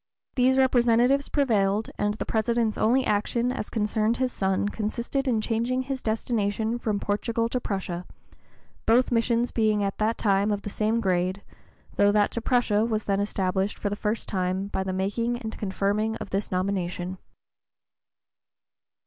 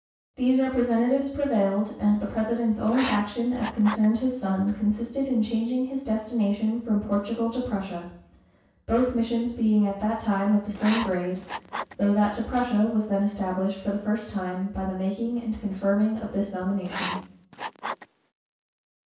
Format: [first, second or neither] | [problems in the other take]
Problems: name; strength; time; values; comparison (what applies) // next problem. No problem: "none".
first | background sound (Writing); 10 dB below the speech // room echo; dies away in 0.7 s